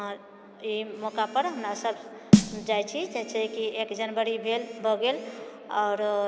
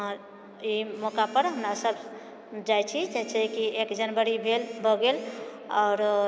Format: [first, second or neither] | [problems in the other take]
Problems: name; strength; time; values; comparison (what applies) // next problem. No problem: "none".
second | background sound (Snare drum); 3 dB above the speech